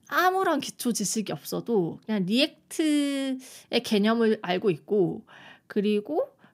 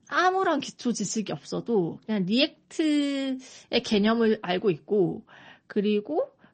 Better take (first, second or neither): first